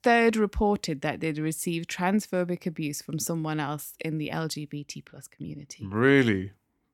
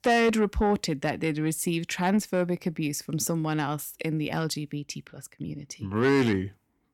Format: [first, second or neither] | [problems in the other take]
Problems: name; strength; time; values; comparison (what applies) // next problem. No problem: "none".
first | distortion; slight; 10 dB below the speech